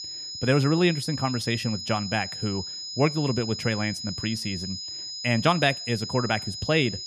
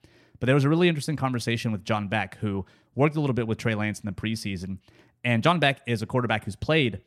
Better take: second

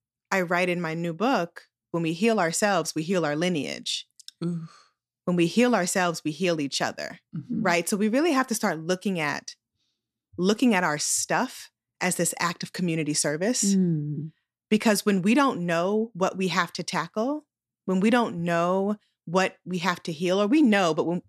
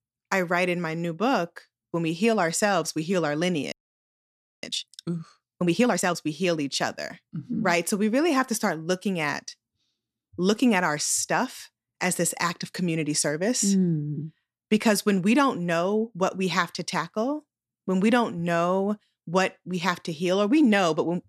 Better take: first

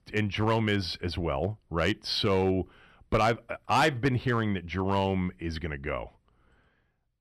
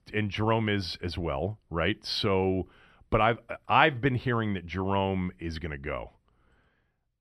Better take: second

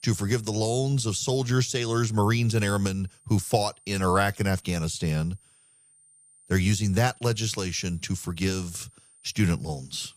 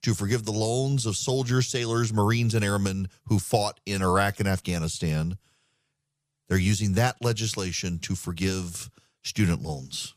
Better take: second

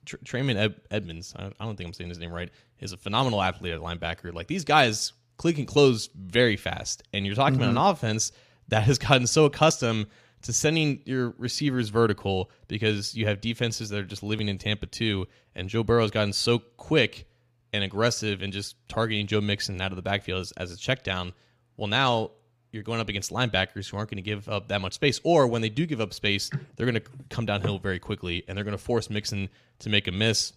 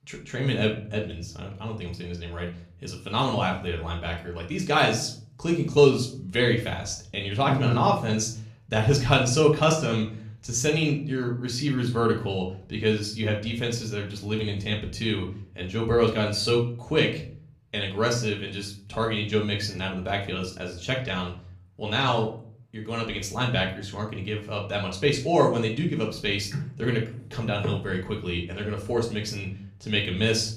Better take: first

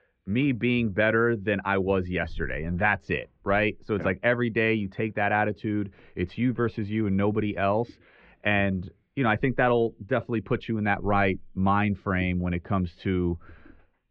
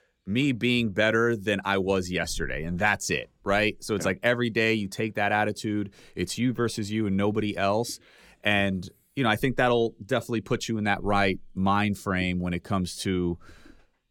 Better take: second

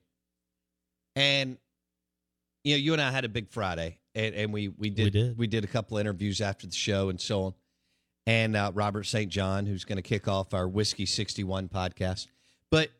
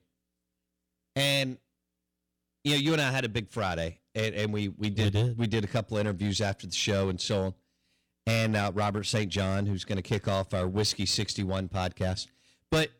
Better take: first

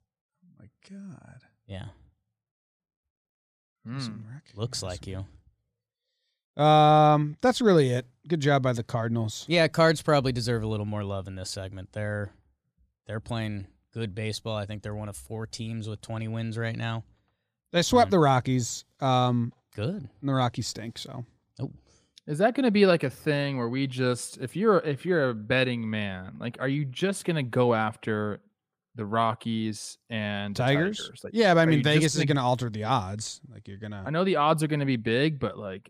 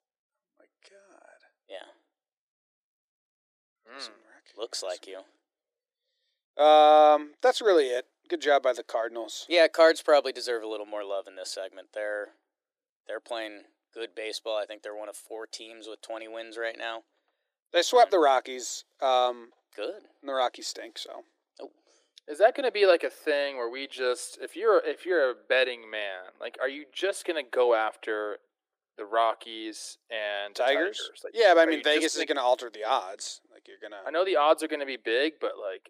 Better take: first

